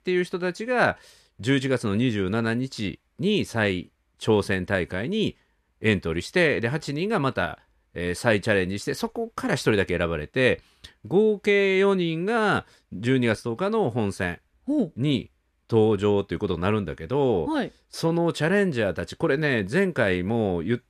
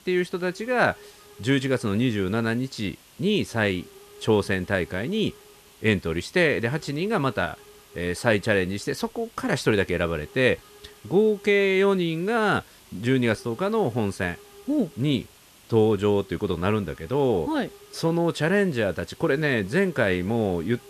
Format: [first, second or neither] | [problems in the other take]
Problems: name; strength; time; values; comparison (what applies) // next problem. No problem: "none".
first | hiss; faint; throughout; 25 dB below the speech